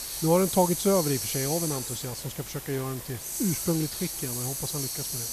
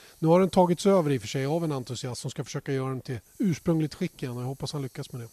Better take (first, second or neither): second